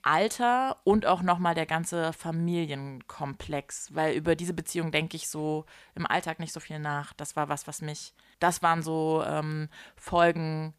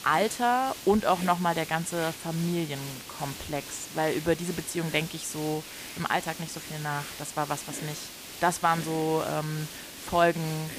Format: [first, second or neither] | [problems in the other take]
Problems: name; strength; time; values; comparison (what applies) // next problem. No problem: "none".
first | hiss; noticeable; throughout; 10 dB below the speech